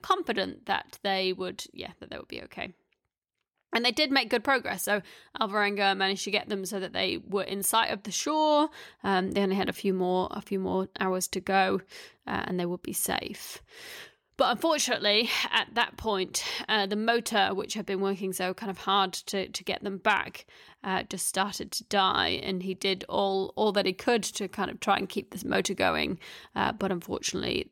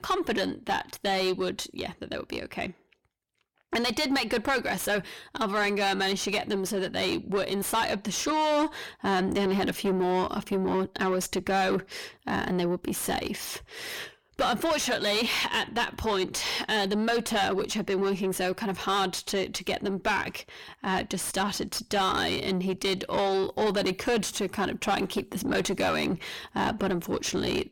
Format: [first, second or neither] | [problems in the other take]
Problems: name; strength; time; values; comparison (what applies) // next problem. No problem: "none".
first | distortion; heavy; 6 dB below the speech